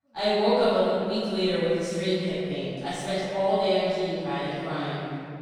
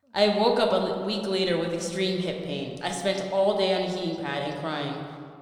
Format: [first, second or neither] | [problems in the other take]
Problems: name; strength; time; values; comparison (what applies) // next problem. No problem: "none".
second | room echo; strong; dies away in 2.4 s; slight in the second // off-mic speech; far